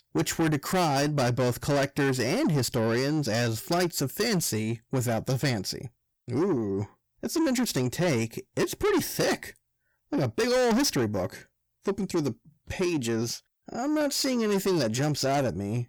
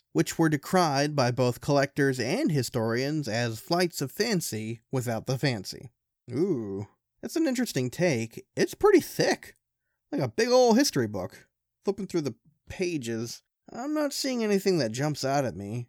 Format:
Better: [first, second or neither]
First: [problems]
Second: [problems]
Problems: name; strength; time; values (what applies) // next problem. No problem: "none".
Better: second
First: distortion; heavy; 7 dB below the speech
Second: none